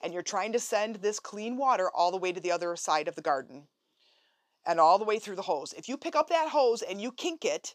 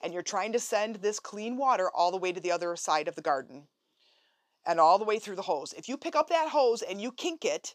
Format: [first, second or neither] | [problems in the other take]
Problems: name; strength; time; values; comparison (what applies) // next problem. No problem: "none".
neither | thin; very slightly; fading below 450 Hz; the same in both